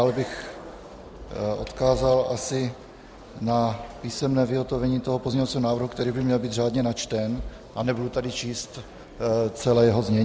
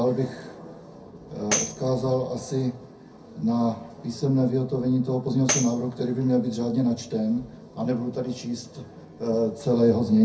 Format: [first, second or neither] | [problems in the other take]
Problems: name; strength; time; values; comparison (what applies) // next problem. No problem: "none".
first | background sound (Tambourine); 7 dB below the speech // room echo; dies away in 0.3 s